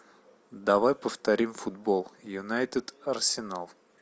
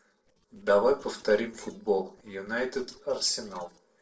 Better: first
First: none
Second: noise reduction (neural separator model SepFormer DNS4)

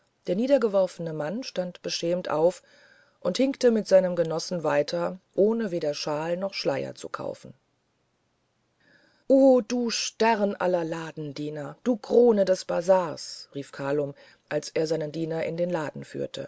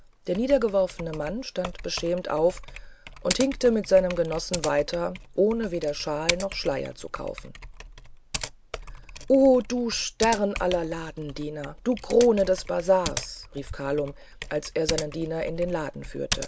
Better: first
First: none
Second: background sound (Typing); 11 dB below the speech

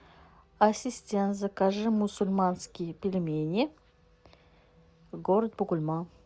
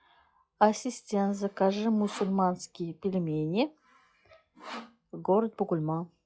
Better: first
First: none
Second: noise reduction (classical method log-MMSE)

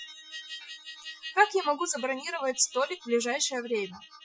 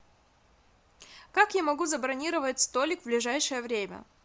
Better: second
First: noise reduction (classical method Wiener filter)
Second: none

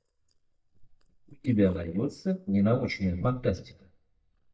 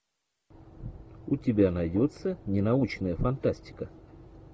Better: second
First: noise reduction (neural mask model DeepFilterNet 3)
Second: none

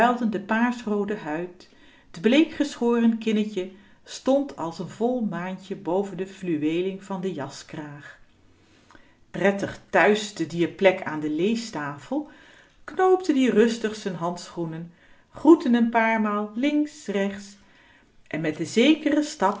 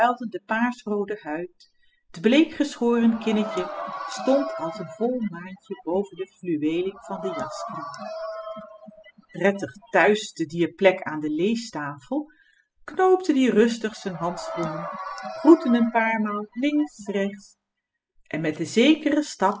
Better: first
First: none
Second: noise reduction (classical method spectral subtraction)

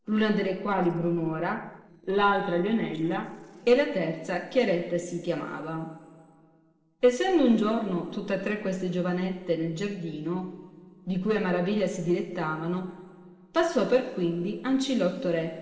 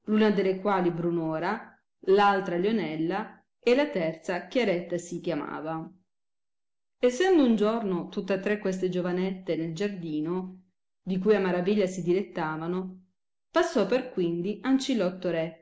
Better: second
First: noise reduction (neural separator model SepFormer DNS4)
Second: none

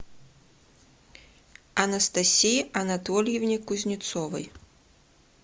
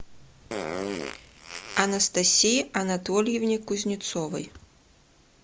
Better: first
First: none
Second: background sound (Fart); 9 dB below the speech

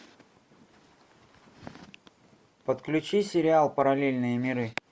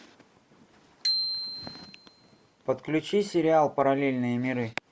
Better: first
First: none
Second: background sound (Bicycle bell); 7 dB below the speech

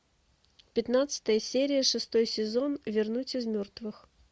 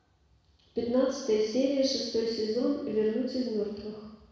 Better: first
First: none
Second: room echo; dies away in 1.1 s

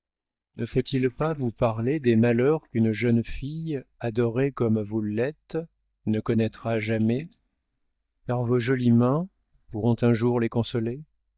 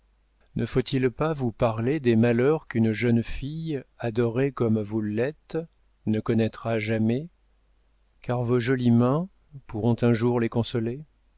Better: second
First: noise reduction (neural mask model DeepFilterNet 3)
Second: none

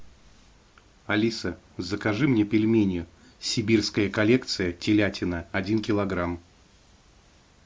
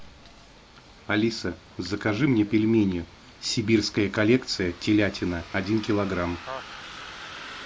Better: first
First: none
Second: background sound (Bus); 18 dB below the speech

